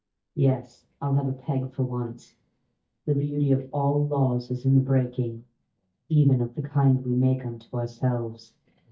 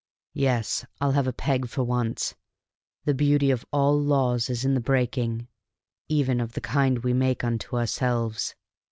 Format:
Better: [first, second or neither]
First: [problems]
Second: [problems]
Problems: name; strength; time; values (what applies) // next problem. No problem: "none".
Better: second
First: noise reduction (neural mask model DeepFilterNet 3)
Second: none